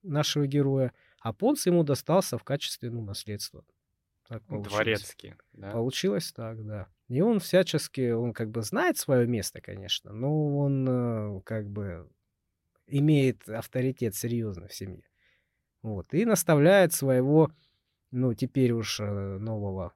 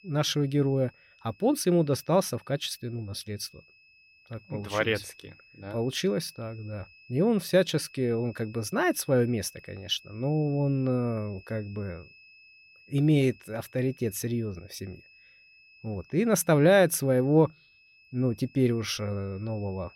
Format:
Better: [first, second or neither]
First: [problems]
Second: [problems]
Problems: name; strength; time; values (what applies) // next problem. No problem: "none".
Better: first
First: none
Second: high-pitched whine; faint; throughout; 2.5 kHz, 25 dB below the speech